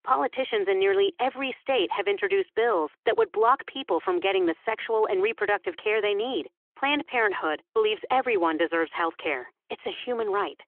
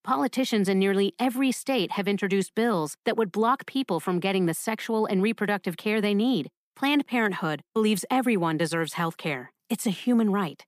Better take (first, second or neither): second